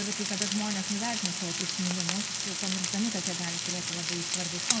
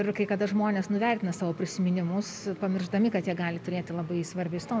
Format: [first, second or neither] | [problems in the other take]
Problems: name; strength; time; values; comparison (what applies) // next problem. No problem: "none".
second | background sound (Frying (food)); 2 dB above the speech // room echo; dies away in 1.5 s